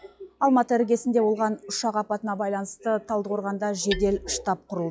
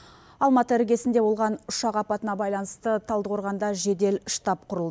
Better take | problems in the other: second | noise reduction (classical method log-MMSE)

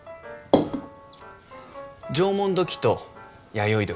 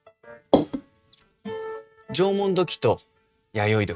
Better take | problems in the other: first | noise reduction (neural mask model RNNoise)

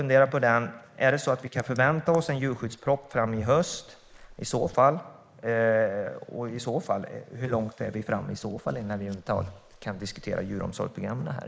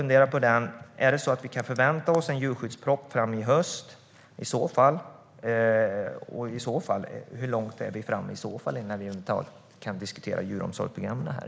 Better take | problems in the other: second | noise reduction (neural mask model Resemble Enhance denoiser)

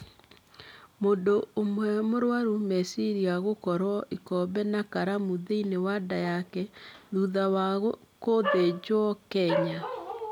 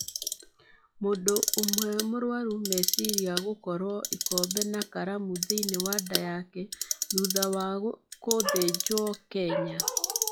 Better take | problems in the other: first | noise reduction (classical method log-MMSE)

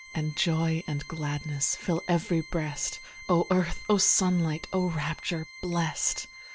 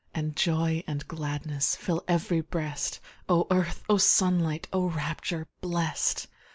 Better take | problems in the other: second | background sound (Organ); 18 dB below the speech

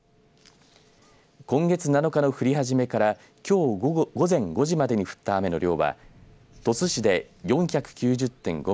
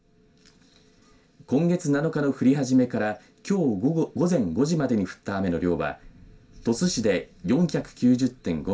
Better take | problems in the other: first | room echo; dies away in 0.2 s

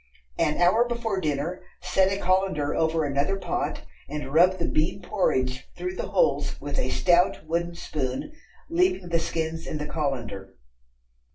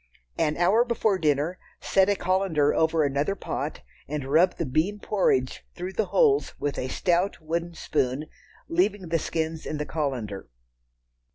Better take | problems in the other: second | room echo; dies away in 0.2 s

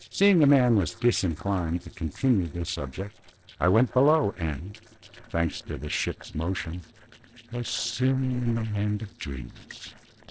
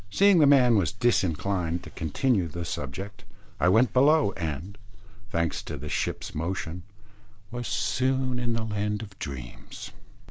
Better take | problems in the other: second | noise reduction (neural separator model SepFormer DNS4)

